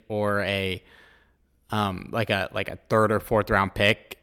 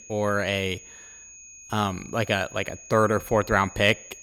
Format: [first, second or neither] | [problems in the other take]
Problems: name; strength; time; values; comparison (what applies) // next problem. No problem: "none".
first | high-pitched whine; noticeable; throughout; 6.5 kHz, 20 dB below the speech